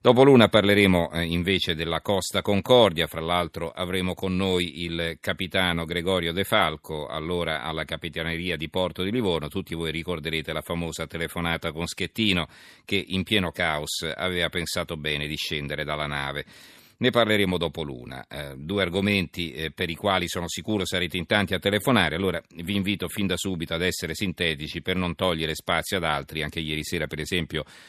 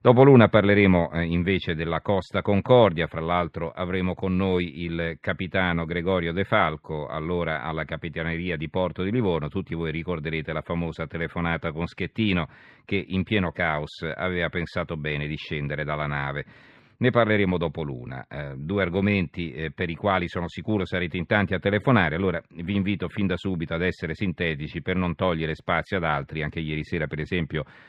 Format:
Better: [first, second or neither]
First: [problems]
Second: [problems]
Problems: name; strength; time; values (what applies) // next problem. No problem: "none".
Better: first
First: none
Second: muffled; very; fading above 2 kHz